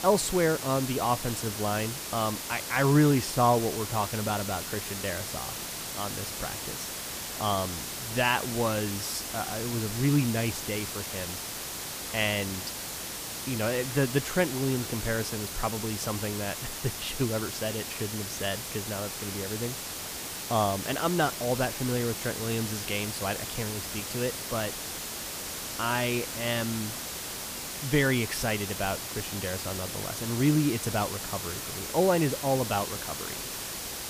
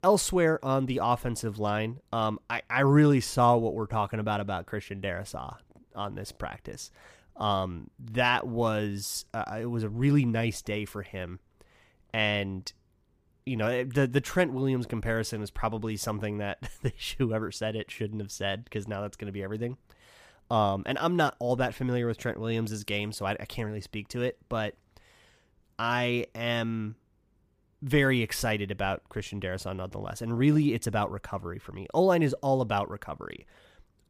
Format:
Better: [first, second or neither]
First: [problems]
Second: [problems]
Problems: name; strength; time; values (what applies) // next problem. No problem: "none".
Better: second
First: hiss; loud; throughout; 4 dB below the speech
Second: none